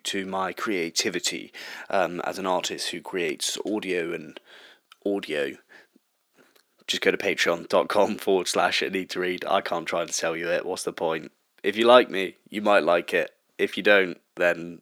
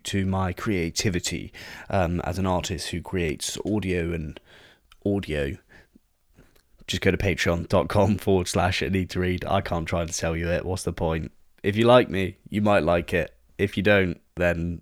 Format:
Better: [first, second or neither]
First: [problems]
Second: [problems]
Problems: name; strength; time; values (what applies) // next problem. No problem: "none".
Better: second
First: thin; somewhat; fading below 300 Hz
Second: none